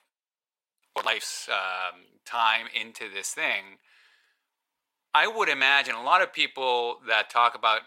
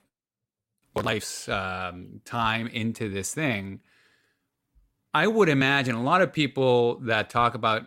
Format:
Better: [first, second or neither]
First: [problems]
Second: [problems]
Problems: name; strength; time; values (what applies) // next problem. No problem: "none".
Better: second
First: thin; very; fading below 750 Hz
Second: none